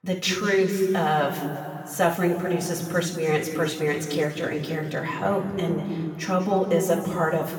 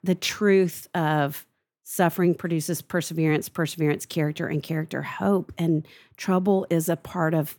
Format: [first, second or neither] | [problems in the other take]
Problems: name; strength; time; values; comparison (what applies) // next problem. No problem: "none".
second | room echo; noticeable; dies away in 2.3 s // off-mic speech; far